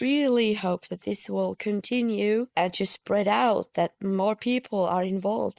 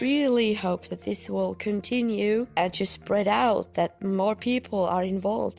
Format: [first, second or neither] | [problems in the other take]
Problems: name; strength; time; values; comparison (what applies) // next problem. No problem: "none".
second | noise reduction (neural mask model Resemble Enhance denoiser)